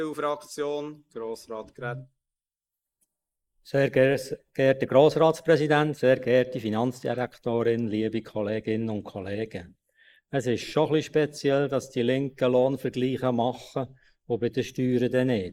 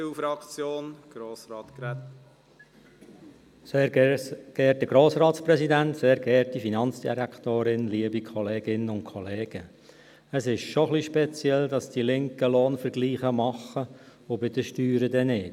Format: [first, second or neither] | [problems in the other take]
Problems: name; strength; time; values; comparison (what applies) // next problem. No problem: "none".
second | noise reduction (neural mask model Resemble Enhance denoiser)